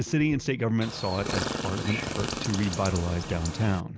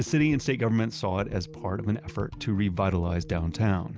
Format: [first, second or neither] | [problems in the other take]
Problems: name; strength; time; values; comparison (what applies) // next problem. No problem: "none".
second | background sound (Chirp, tweet); 6 dB below the speech